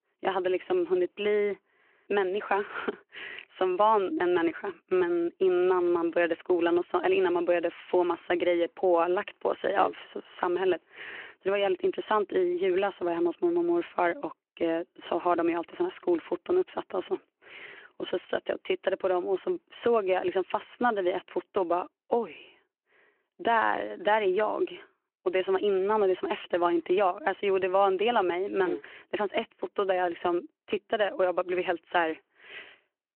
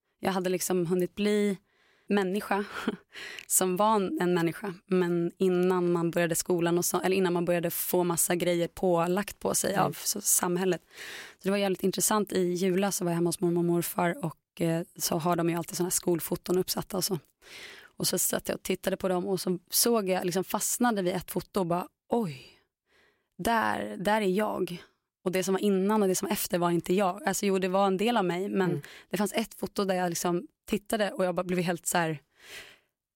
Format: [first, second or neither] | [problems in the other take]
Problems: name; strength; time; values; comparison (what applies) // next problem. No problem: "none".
second | phone-call audio